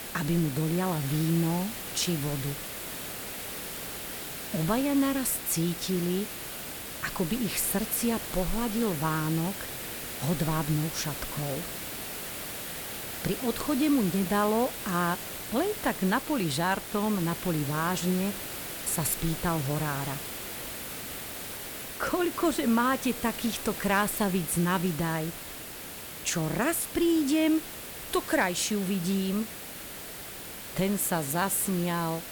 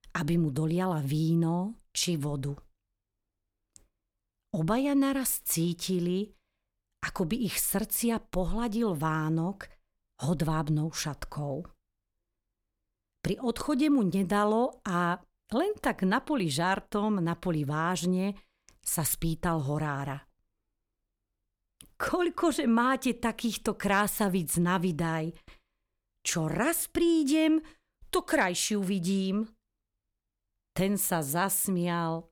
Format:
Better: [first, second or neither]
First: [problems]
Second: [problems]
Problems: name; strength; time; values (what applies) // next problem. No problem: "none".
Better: second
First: hiss; loud; throughout; 7 dB below the speech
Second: none